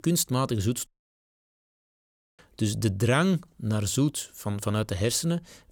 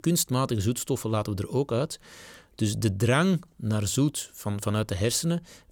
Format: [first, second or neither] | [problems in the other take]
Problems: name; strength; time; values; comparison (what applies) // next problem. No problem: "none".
second | audio cutting out; at 1 s for 1.5 s